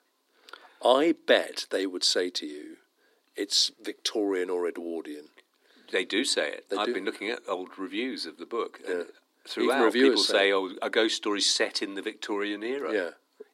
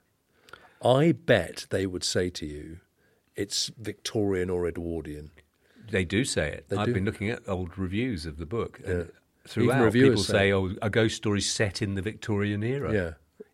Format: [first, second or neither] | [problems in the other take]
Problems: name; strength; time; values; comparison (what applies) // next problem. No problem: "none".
second | thin; somewhat; fading below 300 Hz